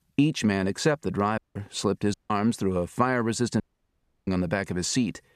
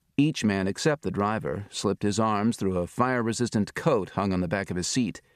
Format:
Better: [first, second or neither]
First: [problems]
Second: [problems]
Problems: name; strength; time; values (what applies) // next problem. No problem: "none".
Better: second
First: audio cutting out; at 1.5 s, at 2 s and at 3.5 s for 0.5 s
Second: none